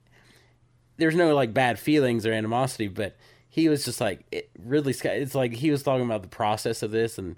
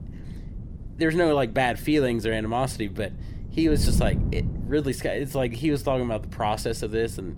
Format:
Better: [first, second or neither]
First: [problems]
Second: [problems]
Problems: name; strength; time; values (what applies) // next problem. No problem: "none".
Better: first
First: none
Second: wind noise on the microphone; occasional gusts; 15 dB below the speech